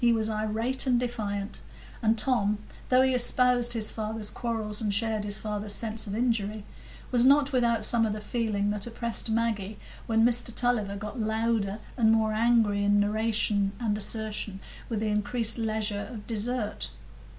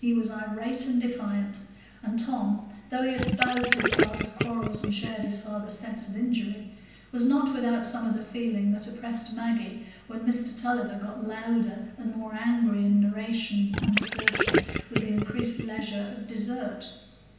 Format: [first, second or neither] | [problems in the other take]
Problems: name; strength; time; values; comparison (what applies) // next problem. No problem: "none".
first | background sound (Gurgling); 1 dB above the speech // room echo; dies away in 0.9 s